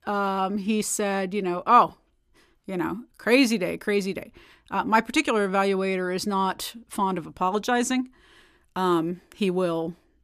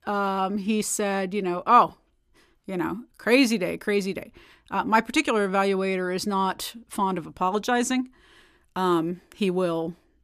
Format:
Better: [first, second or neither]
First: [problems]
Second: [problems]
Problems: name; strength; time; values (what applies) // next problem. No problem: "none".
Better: neither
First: none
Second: none